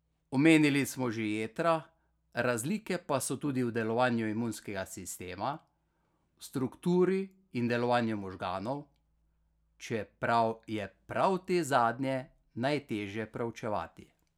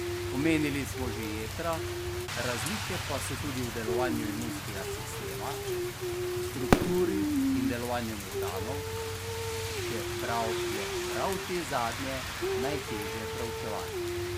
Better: first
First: none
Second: background sound (Rain + Fireworks); 3 dB above the speech

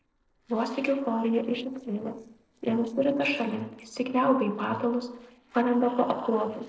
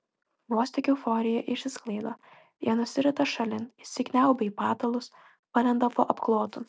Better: second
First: noise reduction (neural separator model SepFormer DNS4)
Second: none

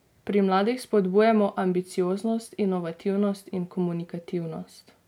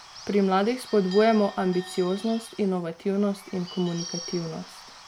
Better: first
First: none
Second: background sound (Bird / Bell); 17 dB below the speech

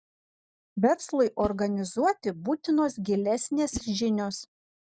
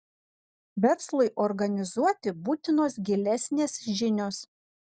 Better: second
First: background sound (Whoosh, swoosh, swish); 18 dB below the speech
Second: none

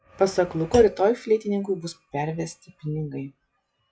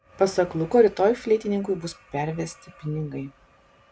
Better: second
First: noise reduction (classical method log-MMSE)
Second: none

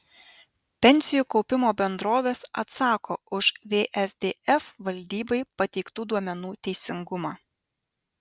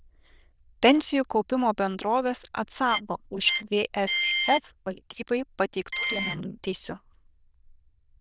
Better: first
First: none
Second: noise reduction (neural diffusion model UNIVERSE++)

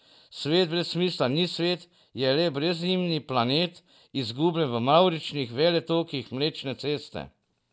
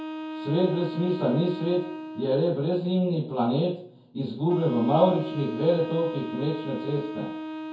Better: first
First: none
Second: background sound (Wind instrument, woodwind instrument); 10 dB below the speech // room echo; dies away in 0.6 s

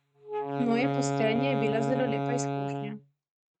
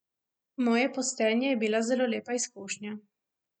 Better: second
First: noise reduction (neural mask model RNNoise)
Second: none

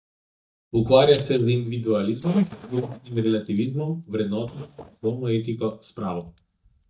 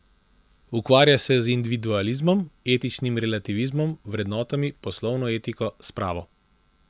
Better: second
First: noise reduction (neural mask model DeepFilterNet 3)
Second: none

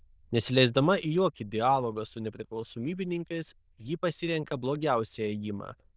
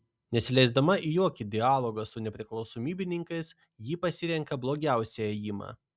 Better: second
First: noise reduction (neural diffusion model UNIVERSE++)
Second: none

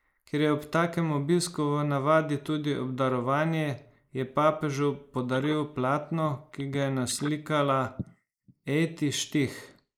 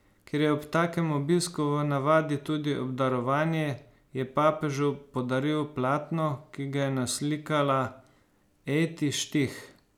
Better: second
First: noise reduction (neural mask model Resemble Enhance denoiser)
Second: none

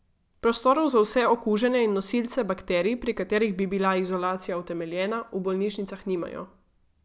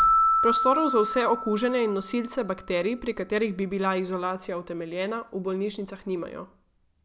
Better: first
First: none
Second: background sound (Keyboard (musical)); 2 dB below the speech

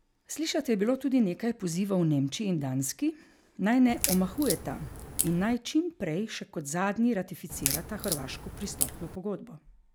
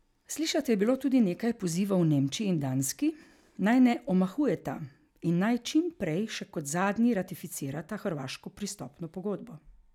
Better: second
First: background sound (Crack); 5 dB below the speech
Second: none

